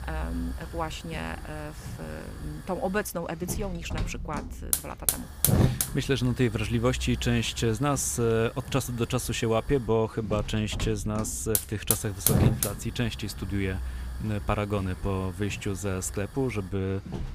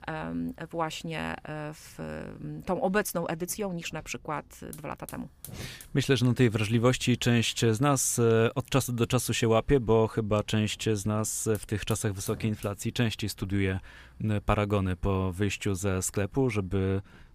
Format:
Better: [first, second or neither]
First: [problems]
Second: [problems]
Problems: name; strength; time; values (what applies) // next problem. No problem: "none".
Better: second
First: hiss; loud; throughout; 2 dB below the speech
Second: hiss; faint; throughout; 25 dB below the speech